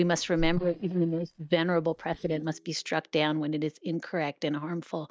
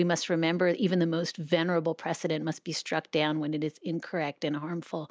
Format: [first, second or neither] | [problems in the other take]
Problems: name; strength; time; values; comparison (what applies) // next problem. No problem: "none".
second | noise reduction (neural mask model DeepFilterNet 3)